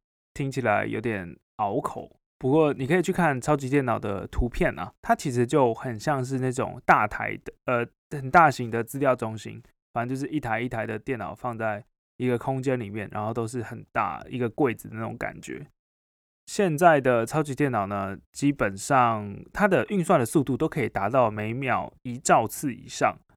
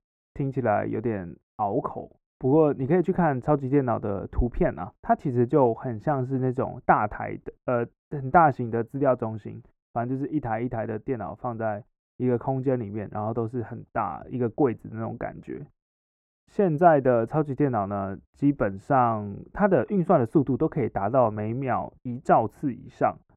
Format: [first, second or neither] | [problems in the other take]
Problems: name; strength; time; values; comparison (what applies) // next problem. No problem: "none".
first | muffled; very; fading above 2.5 kHz